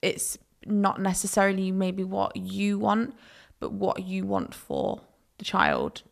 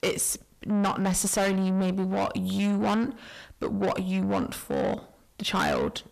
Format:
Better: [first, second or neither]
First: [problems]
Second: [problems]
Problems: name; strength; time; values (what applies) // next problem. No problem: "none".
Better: first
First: none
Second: distortion; heavy; 6 dB below the speech